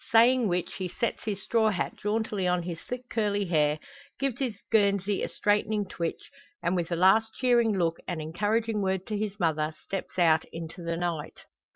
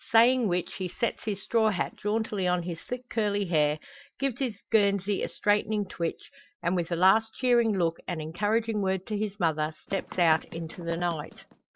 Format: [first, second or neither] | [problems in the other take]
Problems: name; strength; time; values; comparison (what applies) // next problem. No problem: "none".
first | noise reduction (neural separator model SepFormer DNS4)